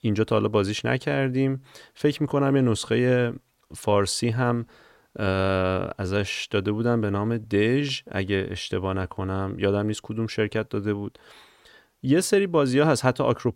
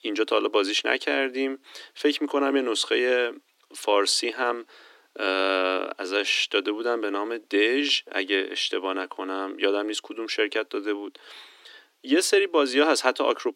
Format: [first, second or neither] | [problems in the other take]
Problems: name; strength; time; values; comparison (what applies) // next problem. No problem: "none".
first | thin; somewhat; fading below 300 Hz